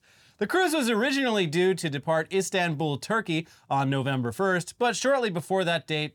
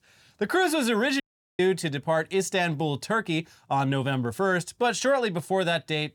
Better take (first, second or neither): first